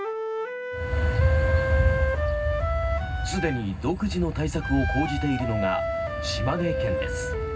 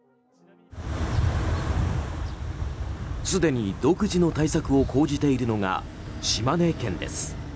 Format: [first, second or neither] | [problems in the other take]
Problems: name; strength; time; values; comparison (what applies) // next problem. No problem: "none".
second | background sound (Wind instrument, woodwind instrument); 4 dB below the speech // room echo; dies away in 0.4 s